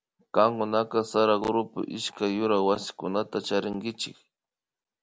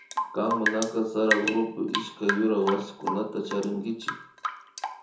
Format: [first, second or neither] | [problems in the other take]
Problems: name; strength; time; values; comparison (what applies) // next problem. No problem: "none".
first | background sound (Drip / Rain); 4 dB below the speech // room echo; dies away in 0.6 s